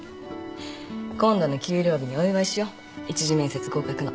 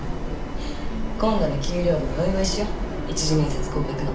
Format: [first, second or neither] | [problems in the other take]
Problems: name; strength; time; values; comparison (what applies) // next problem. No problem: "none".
first | background sound (Subway, metro, underground); as loud as the speech // room echo; dies away in 0.4 s